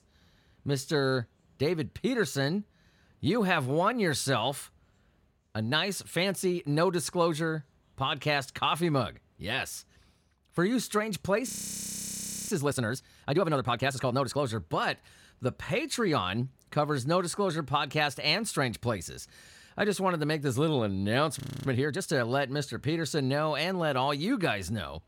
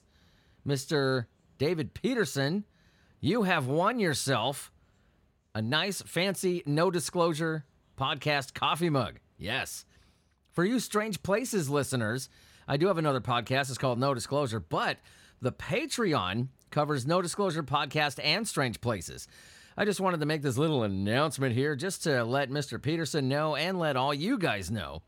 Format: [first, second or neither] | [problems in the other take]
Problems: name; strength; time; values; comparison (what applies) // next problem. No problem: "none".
second | audio freezing; at 11 s for 1 s and at 21 s